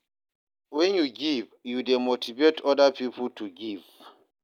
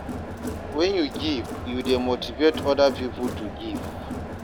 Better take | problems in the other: first | background sound (Crowd); 7 dB below the speech

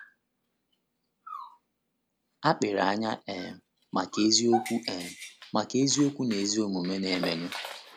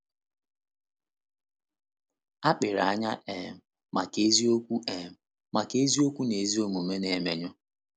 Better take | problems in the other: second | background sound (Dog); 12 dB below the speech

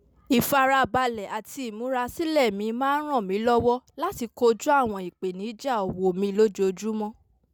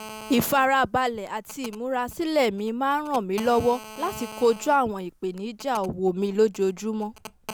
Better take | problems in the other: first | background sound (Telephone); 18 dB below the speech

